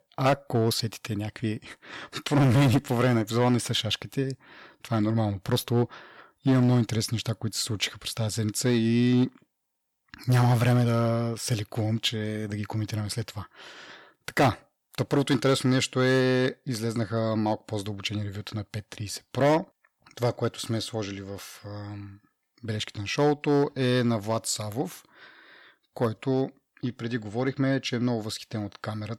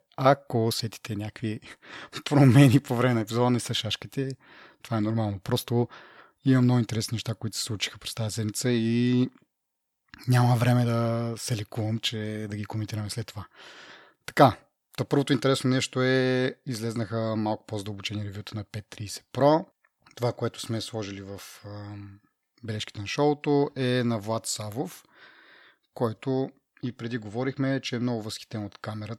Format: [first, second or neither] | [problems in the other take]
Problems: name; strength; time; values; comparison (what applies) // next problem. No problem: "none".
second | distortion; slight; 3% of the sound clipped